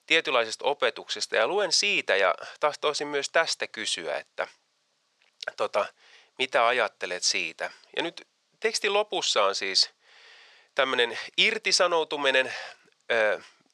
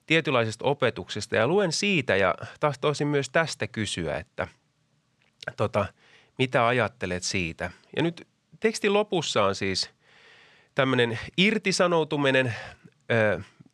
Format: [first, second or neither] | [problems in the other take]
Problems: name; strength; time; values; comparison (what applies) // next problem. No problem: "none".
second | thin; very; fading below 550 Hz